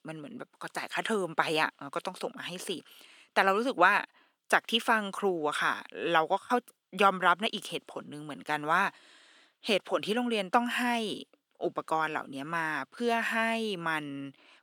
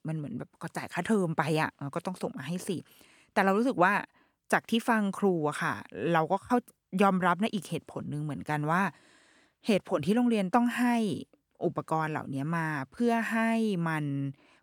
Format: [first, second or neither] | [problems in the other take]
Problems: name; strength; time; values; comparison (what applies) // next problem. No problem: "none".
second | thin; somewhat; fading below 350 Hz